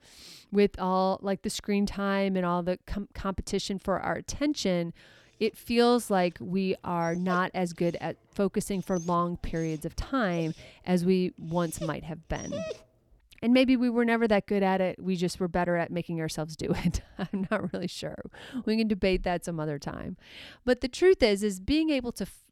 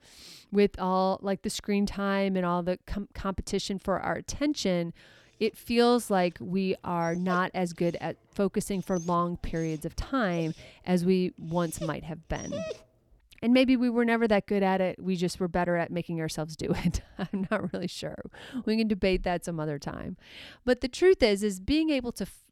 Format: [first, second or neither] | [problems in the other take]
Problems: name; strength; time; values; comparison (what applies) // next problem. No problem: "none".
neither | dog barking; noticeable; from 7 to 13 s; peak 8 dB below the speech; the same in both